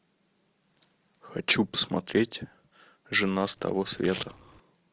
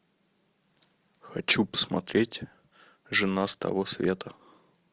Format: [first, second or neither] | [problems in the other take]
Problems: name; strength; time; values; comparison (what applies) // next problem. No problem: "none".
second | background sound (Domestic sounds, home sounds); 13 dB below the speech